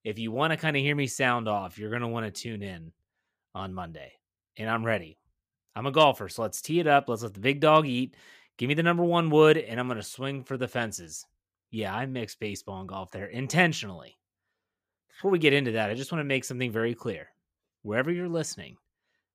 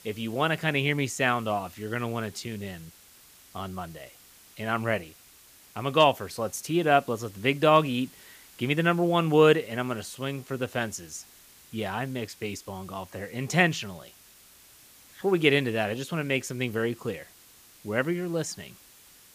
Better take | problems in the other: first | hiss; faint; throughout; 25 dB below the speech

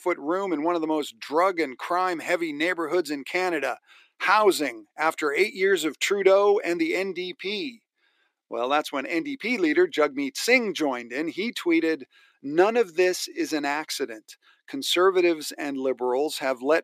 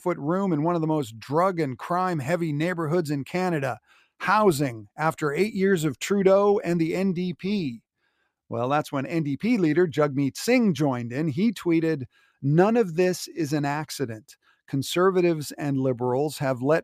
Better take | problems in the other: second | thin; somewhat; fading below 300 Hz

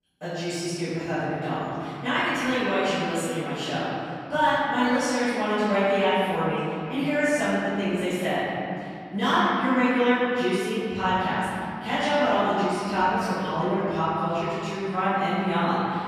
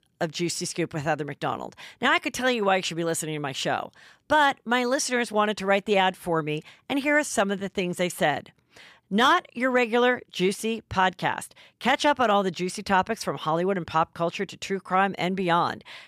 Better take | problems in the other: second | off-mic speech; far // room echo; strong; dies away in 3 s

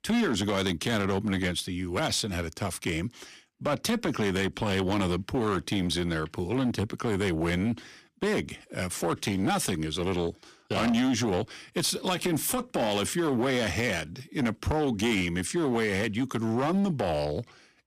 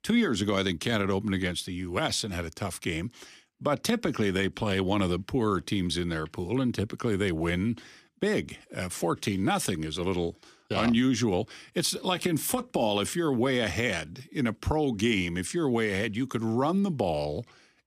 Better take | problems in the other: second | distortion; slight; 10% of the sound clipped

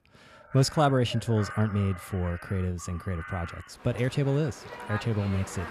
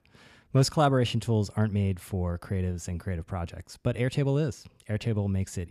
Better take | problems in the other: second | animal sounds; noticeable; throughout; 15 dB below the speech

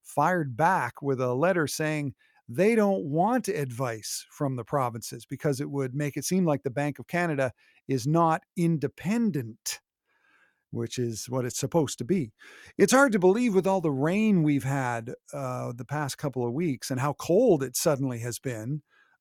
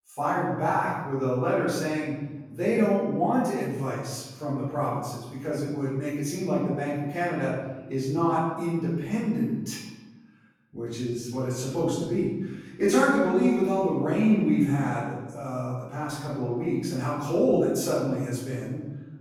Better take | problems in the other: first | off-mic speech; far // room echo; noticeable; dies away in 1 s

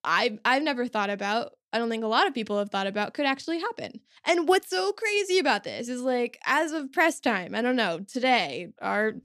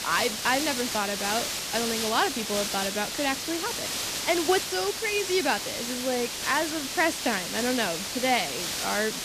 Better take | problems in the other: first | hiss; loud; throughout; 2 dB below the speech

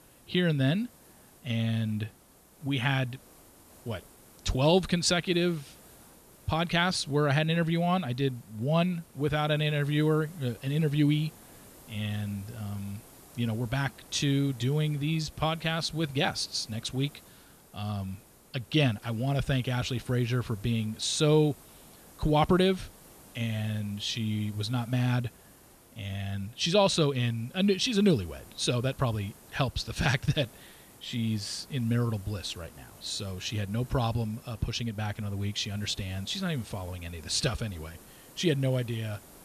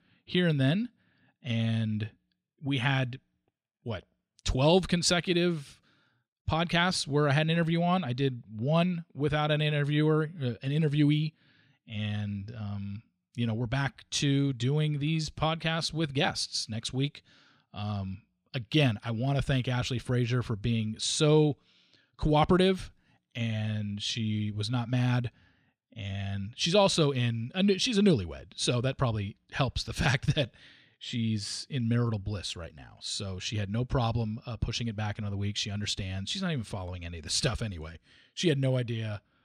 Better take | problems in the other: second | hiss; faint; throughout; 25 dB below the speech

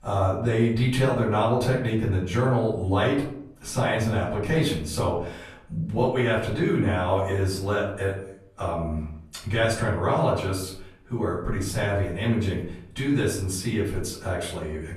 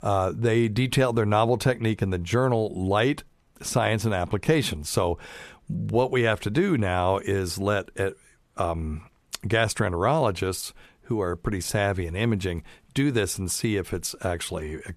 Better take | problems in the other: second | room echo; noticeable; dies away in 0.6 s // off-mic speech; far

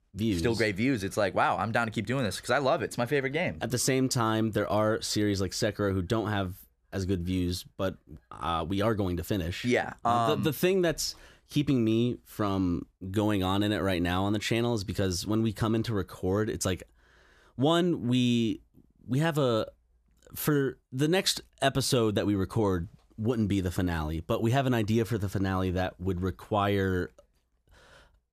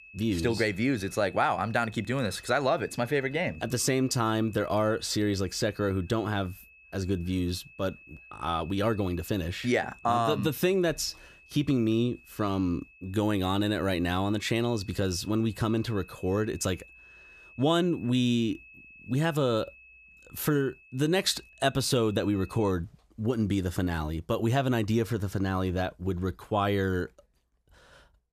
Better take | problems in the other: first | high-pitched whine; faint; until 23 s; 2.5 kHz, 25 dB below the speech

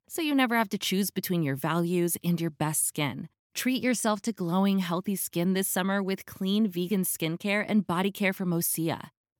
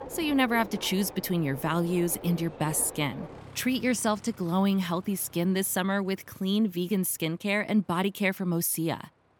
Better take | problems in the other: first | train or aircraft noise; noticeable; throughout; 15 dB below the speech

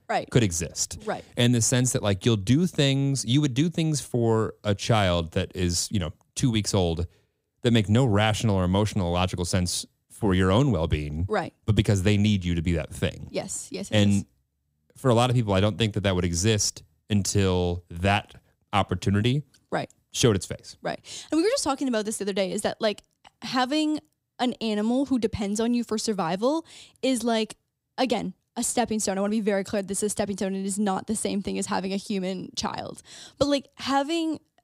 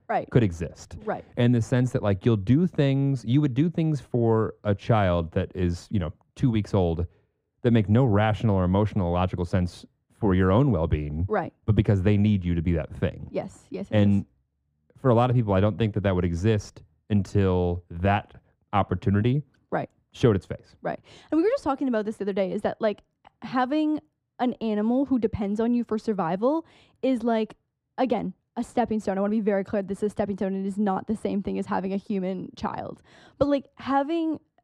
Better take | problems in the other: first | muffled; very; fading above 3.5 kHz

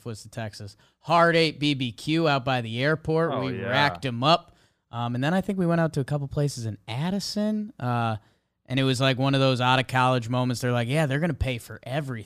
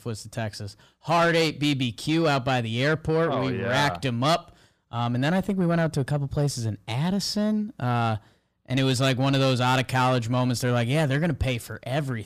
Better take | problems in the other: first | distortion; slight; 10 dB below the speech

